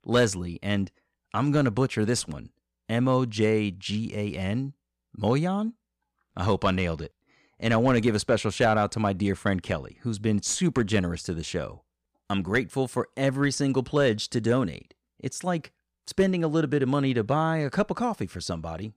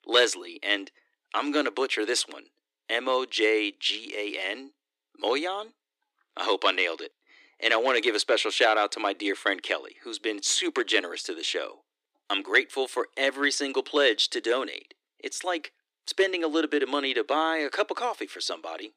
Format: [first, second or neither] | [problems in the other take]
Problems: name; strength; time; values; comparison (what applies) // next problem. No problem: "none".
first | thin; very; fading below 300 Hz